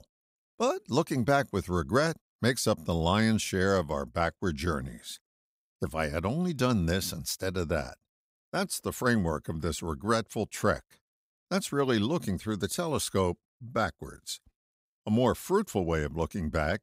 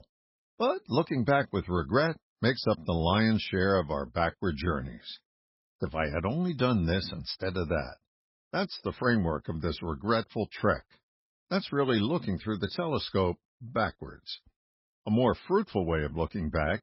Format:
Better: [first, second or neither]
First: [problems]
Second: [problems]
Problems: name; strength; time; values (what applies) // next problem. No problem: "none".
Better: first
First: none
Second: garbled, watery; badly; nothing above 5.5 kHz